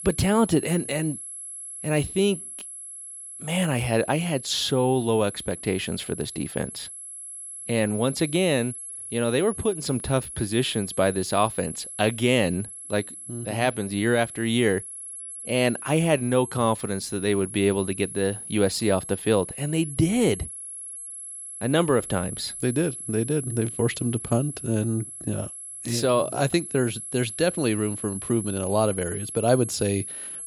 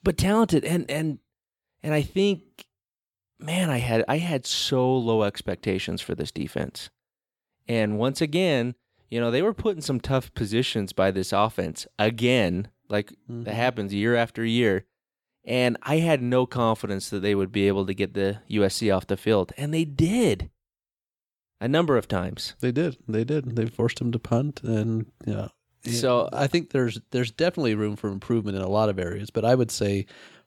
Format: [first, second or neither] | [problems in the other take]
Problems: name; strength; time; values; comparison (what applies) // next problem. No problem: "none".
second | high-pitched whine; loud; throughout; 11 kHz, 10 dB below the speech